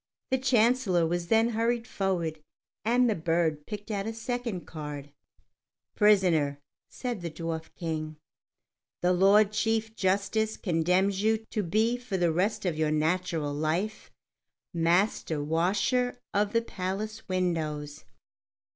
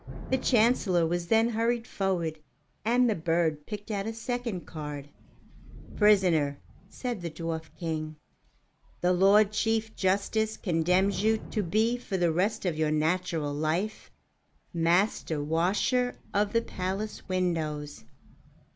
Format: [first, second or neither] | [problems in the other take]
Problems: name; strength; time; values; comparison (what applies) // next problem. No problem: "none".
first | background sound (Thunder / Rain); 18 dB below the speech